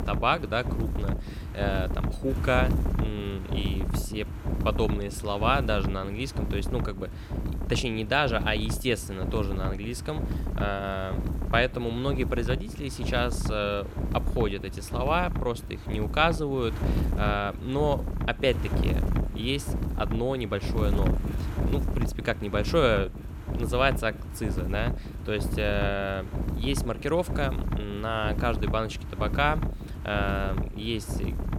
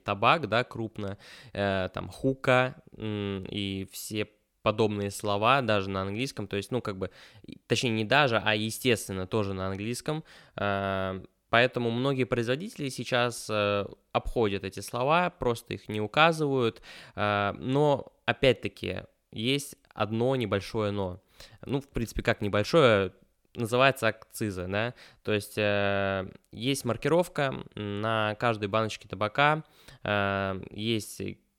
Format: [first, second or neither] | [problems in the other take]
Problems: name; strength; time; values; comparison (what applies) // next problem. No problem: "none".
second | wind noise on the microphone; occasional gusts; 10 dB below the speech